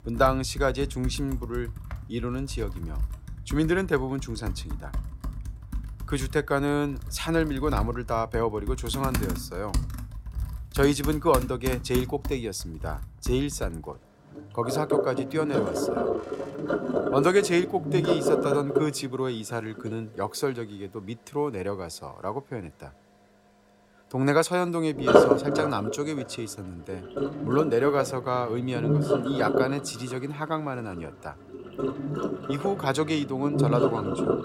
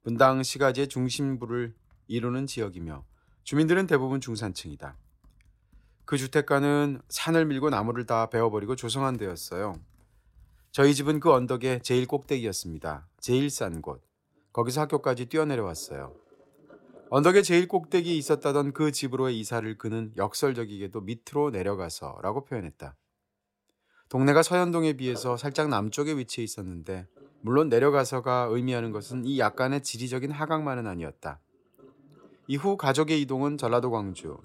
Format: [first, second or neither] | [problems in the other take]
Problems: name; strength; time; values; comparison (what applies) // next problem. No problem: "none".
second | household noises; loud; throughout; 2 dB below the speech; faint in the second